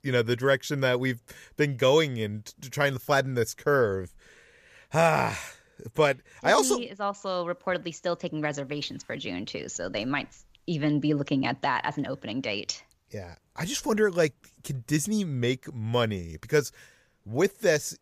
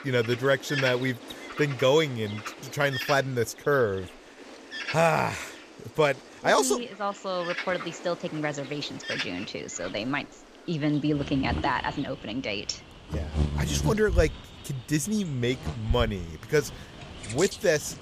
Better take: first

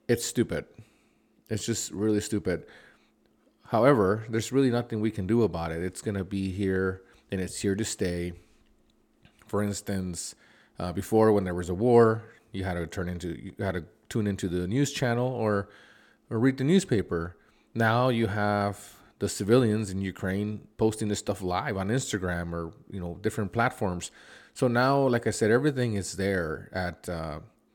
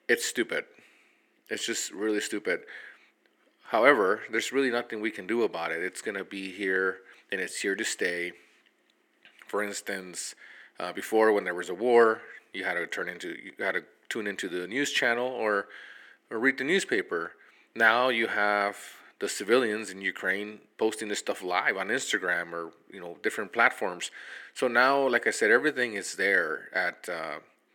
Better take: first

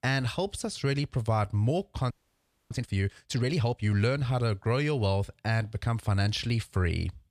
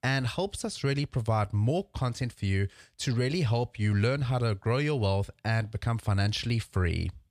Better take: second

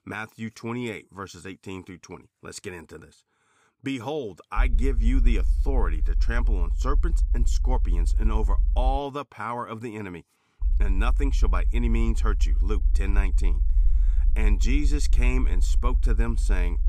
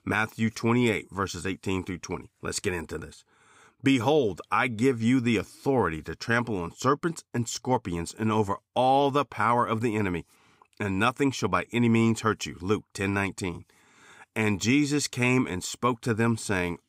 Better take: second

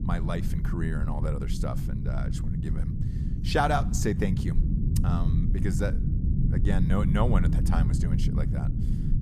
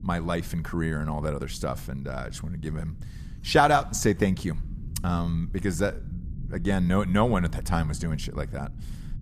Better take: second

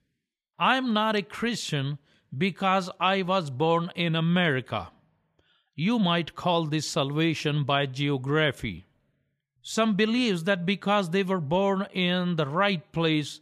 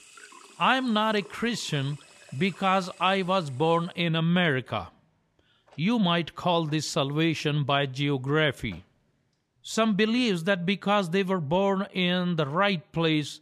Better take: first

